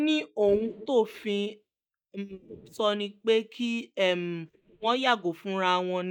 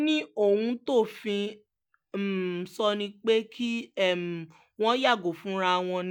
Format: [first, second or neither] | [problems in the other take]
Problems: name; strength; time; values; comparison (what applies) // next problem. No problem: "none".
second | noise reduction (neural mask model DeepFilterNet 3)